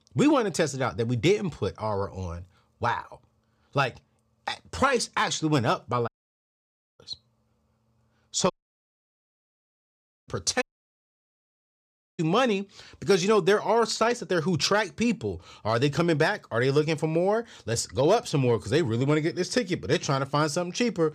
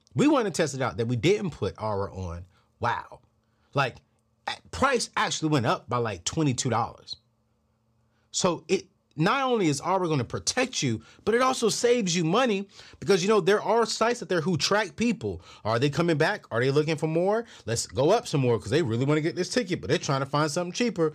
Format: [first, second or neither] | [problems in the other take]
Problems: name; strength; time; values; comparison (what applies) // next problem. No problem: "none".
second | audio cutting out; at 6 s for 1 s, at 8.5 s for 2 s and at 11 s for 1.5 s